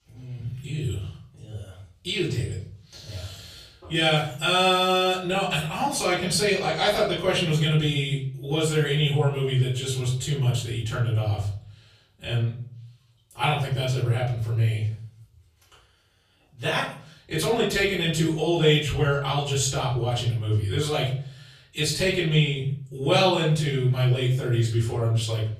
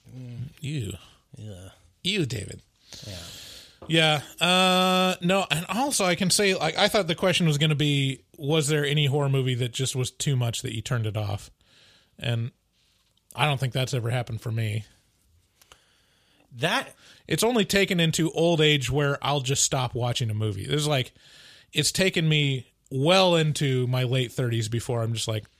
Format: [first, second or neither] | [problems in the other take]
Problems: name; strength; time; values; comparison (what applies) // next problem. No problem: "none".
second | off-mic speech; far // room echo; noticeable; dies away in 0.6 s